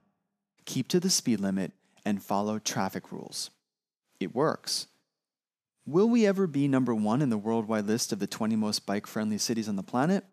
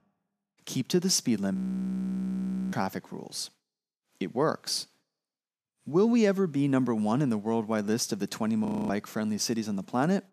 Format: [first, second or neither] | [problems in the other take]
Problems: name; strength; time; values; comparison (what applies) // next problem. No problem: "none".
first | audio freezing; at 1.5 s for 1 s and at 8.5 s